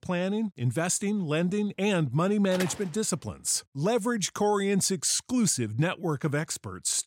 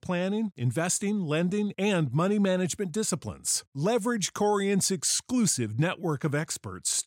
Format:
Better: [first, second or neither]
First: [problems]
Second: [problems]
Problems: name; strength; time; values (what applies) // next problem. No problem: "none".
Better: second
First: door banging; noticeable; at 2.5 s; peak 10 dB below the speech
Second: none